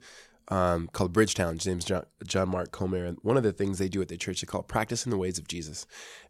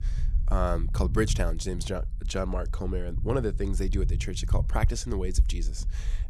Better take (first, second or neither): first